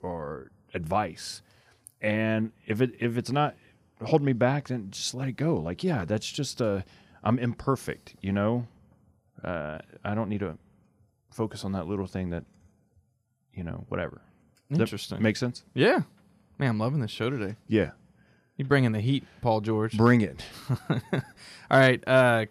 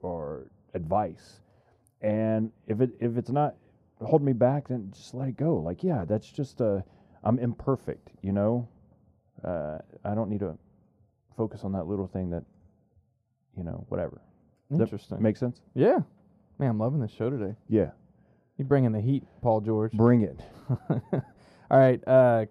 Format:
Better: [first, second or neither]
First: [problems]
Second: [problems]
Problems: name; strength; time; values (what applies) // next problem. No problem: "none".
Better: first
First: none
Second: muffled; very; fading above 1.5 kHz